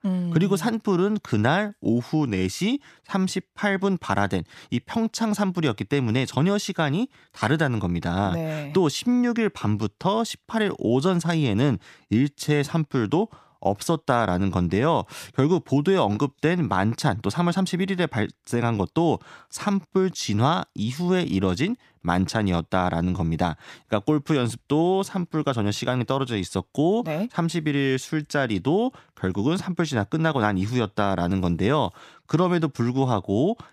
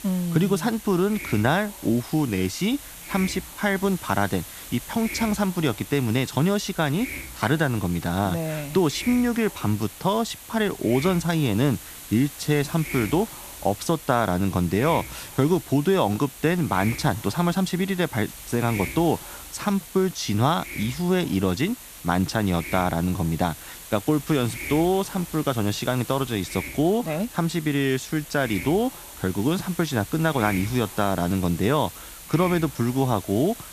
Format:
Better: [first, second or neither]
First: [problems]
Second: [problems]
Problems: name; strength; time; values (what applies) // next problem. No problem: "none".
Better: first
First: none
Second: hiss; noticeable; throughout; 15 dB below the speech